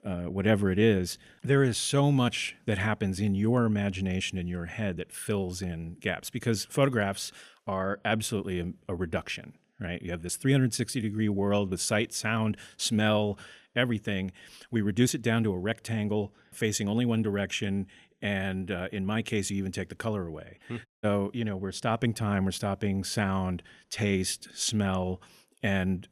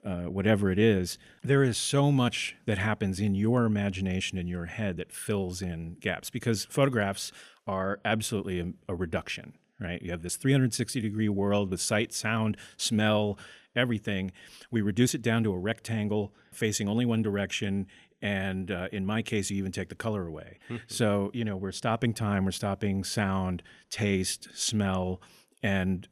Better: second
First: audio cutting out; at 21 s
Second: none

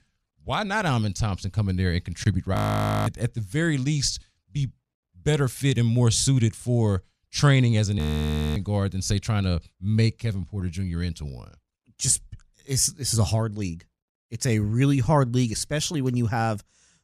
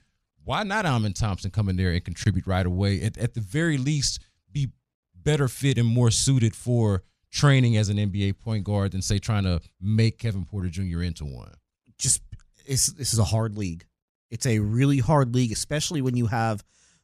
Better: second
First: audio freezing; at 2.5 s for 0.5 s and at 8 s for 0.5 s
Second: none

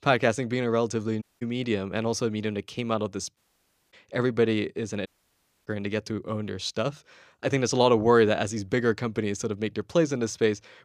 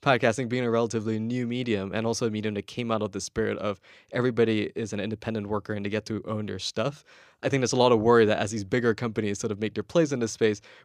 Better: second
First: audio cutting out; at 1 s, at 3.5 s for 0.5 s and at 5 s for 0.5 s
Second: none

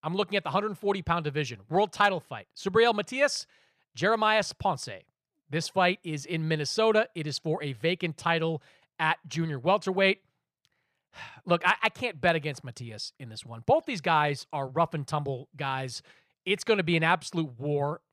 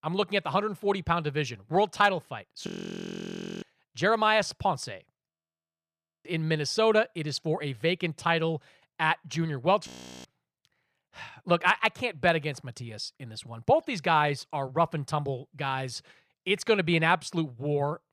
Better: first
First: none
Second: audio freezing; at 2.5 s for 1 s, at 5.5 s for 1 s and at 10 s

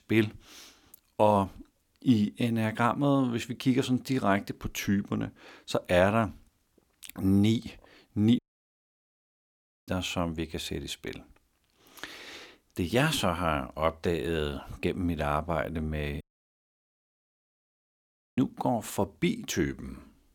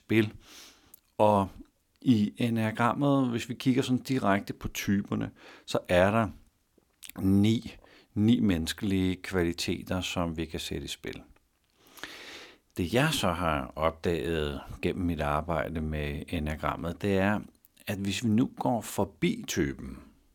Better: second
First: audio cutting out; at 8.5 s for 1.5 s and at 16 s for 2 s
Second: none

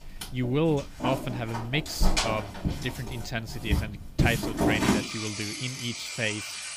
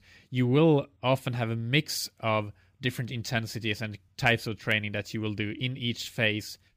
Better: second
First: household noises; very loud; throughout; 1 dB above the speech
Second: none

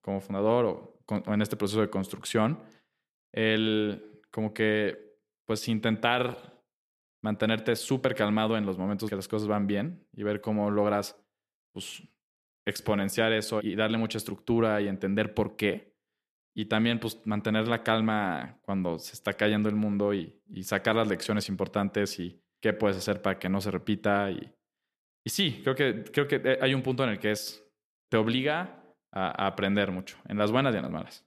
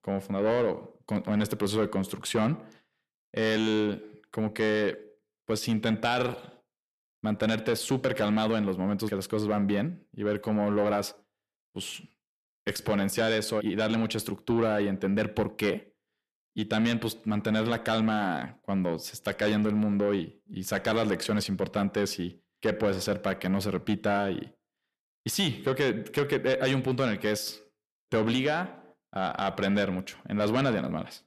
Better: first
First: none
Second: distortion; slight; 10 dB below the speech

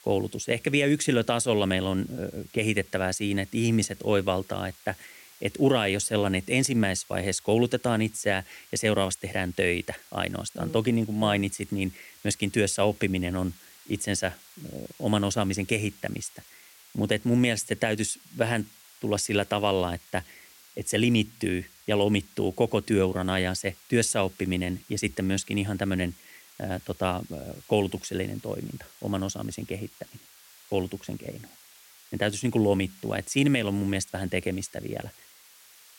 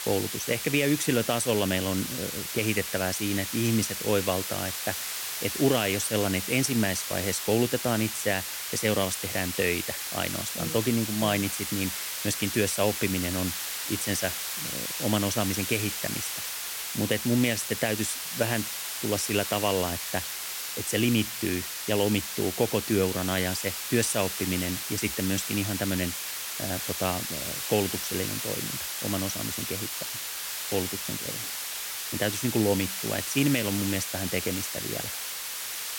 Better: first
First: hiss; faint; throughout; 25 dB below the speech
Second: hiss; loud; throughout; 3 dB below the speech

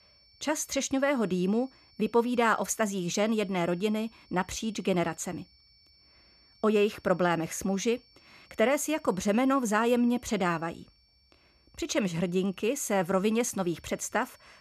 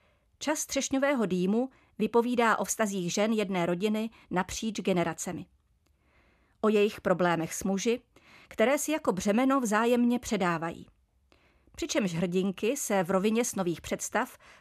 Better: second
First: high-pitched whine; faint; throughout; 5.5 kHz, 30 dB below the speech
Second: none

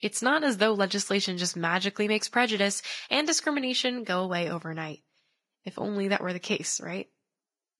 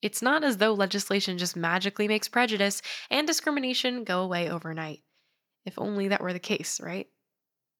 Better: second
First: garbled, watery; badly; nothing above 10.5 kHz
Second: none

